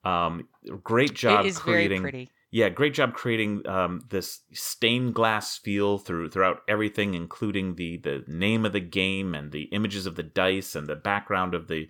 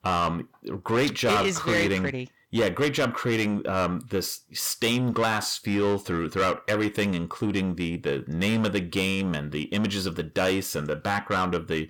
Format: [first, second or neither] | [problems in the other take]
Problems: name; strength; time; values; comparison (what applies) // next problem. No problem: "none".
first | distortion; heavy; 8 dB below the speech